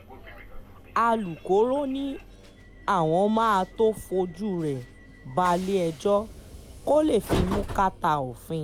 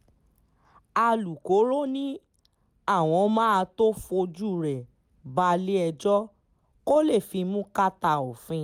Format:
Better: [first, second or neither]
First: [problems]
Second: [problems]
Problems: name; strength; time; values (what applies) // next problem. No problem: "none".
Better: second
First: background sound (Train); 12 dB below the speech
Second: none